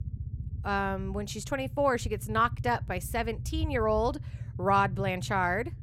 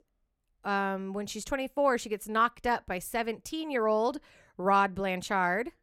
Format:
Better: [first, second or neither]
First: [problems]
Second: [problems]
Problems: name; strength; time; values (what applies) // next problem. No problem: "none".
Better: second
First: low rumble; faint; throughout; 25 dB below the speech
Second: none